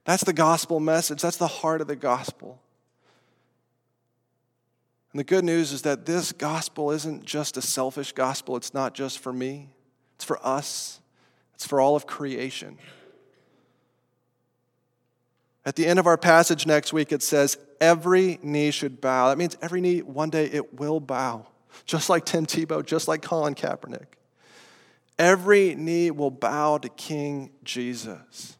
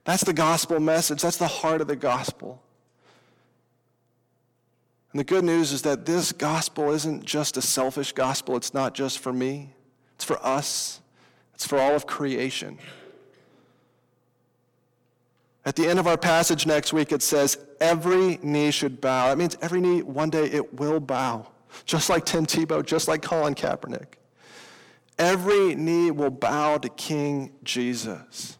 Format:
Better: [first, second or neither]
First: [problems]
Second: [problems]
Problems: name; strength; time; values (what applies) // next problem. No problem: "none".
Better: first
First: none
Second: distortion; heavy; 7 dB below the speech